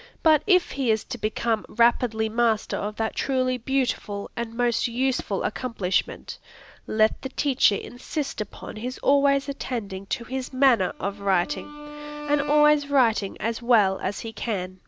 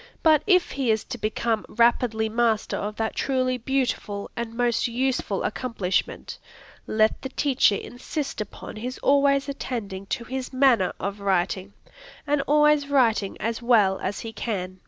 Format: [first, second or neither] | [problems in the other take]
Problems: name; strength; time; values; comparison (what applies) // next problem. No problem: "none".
second | background sound (Bowed string instrument); 13 dB below the speech